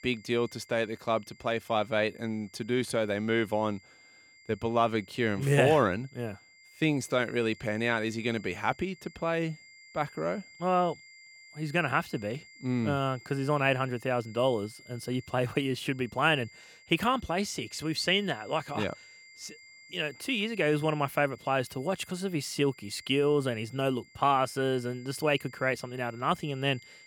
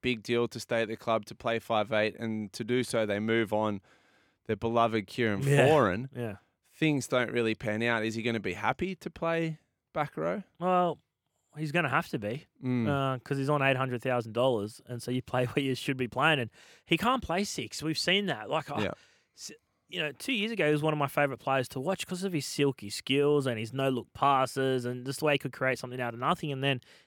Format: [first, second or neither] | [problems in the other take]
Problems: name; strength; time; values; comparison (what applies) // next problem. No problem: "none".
second | high-pitched whine; faint; throughout; 2 kHz, 25 dB below the speech